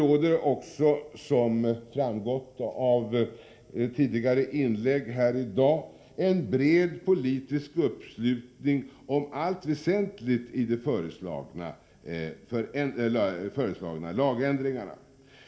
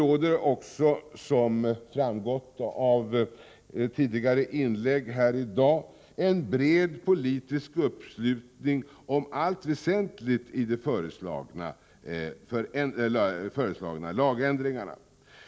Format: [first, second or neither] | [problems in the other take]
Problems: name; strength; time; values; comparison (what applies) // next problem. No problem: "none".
second | room echo; dies away in 1.6 s